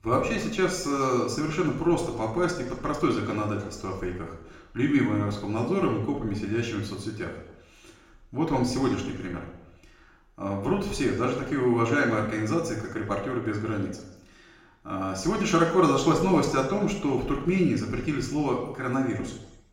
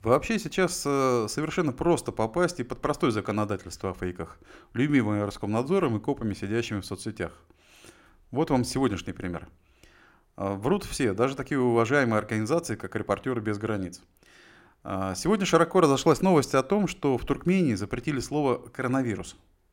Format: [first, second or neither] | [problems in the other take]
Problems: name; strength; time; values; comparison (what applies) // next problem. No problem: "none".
second | room echo; noticeable; dies away in 0.8 s // off-mic speech; far